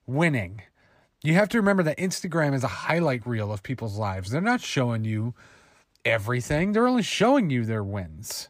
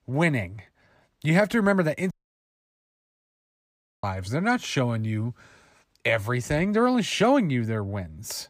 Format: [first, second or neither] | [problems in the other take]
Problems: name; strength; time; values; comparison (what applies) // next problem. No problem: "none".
first | audio cutting out; at 2 s for 2 s